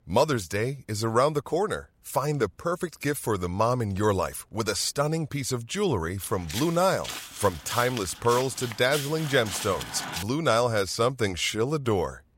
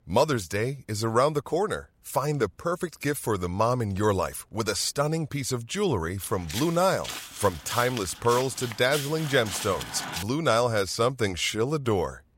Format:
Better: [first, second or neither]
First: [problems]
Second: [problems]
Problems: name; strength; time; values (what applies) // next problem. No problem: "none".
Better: neither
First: footsteps; noticeable; from 6 to 10 s; peak 7 dB below the speech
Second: footsteps; noticeable; from 6 to 10 s; peak 7 dB below the speech